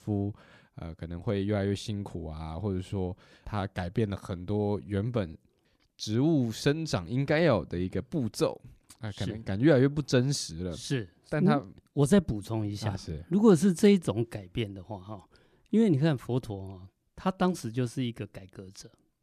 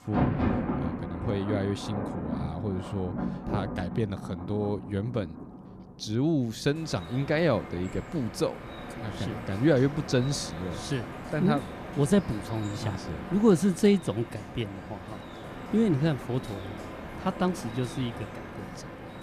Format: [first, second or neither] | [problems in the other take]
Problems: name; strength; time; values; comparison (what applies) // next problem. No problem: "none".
first | rain or running water; loud; throughout; 8 dB below the speech